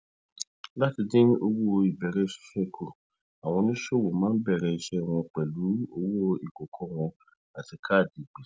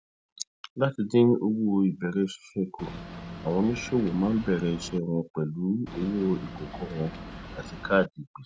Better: first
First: none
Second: background sound (Boat, Water vehicle); 12 dB below the speech

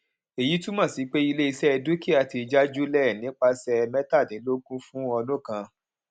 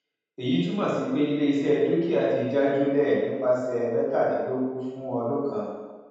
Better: first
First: none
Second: room echo; dies away in 1.2 s

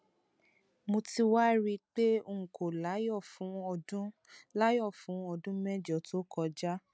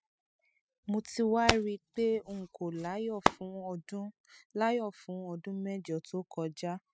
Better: first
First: none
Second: noise reduction (classical method spectral subtraction)

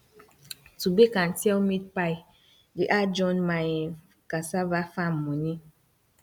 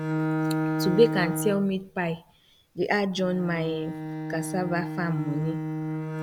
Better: first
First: none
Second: background sound (Bowed string instrument); 3 dB below the speech

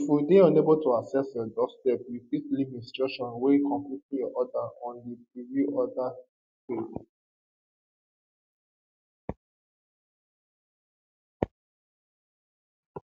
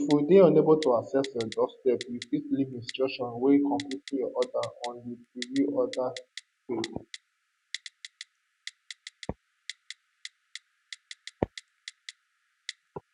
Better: first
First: none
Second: background sound (Typing); 18 dB below the speech

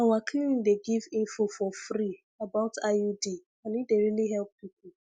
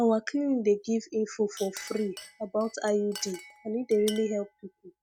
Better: first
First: none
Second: background sound (Chink, clink); 19 dB below the speech

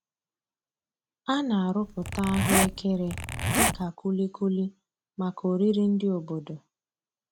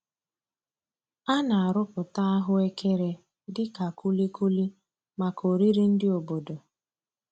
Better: second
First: background sound (Zipper (clothing)); as loud as the speech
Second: none

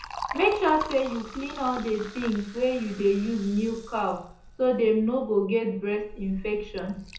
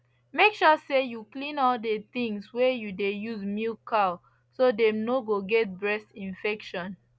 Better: second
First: background sound (Liquid); 14 dB below the speech // room echo; dies away in 0.5 s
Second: none

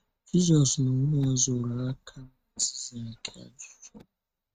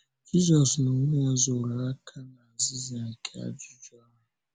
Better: second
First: noise reduction (neural mask model RNNoise)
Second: none

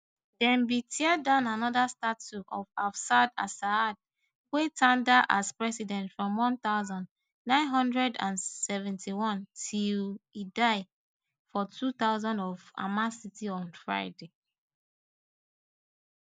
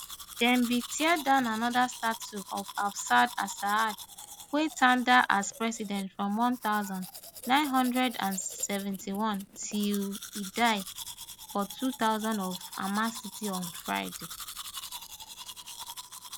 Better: first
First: none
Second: background sound (Domestic sounds, home sounds); 13 dB below the speech

